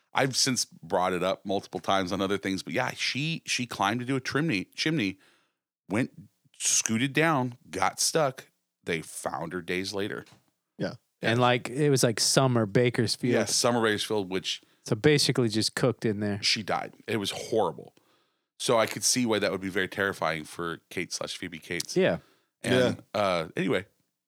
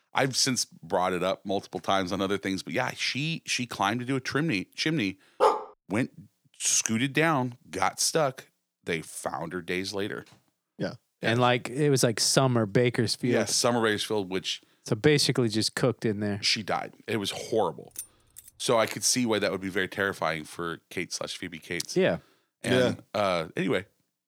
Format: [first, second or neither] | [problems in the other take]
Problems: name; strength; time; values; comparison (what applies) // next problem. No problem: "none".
first | dog barking; loud; at 5.5 s; peak 2 dB above the speech // jangling keys; faint; at 18 s; peak 15 dB below the speech